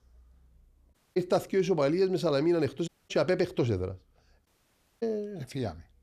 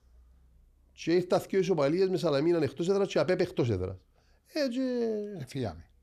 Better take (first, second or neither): second